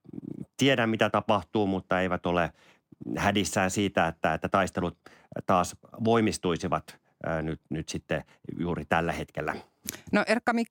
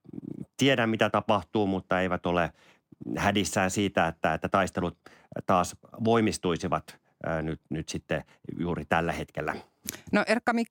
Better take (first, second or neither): neither